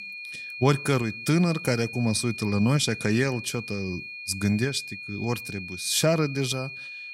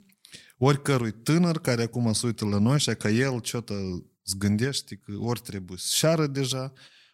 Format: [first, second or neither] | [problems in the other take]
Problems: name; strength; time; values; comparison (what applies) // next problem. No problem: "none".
second | high-pitched whine; loud; throughout; 2.5 kHz, 10 dB below the speech